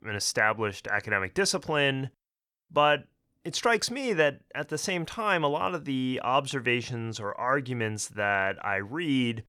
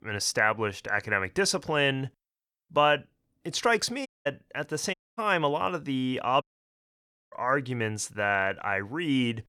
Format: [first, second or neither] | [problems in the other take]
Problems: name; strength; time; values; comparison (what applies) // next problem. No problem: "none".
first | audio cutting out; at 4 s, at 5 s and at 6.5 s for 1 s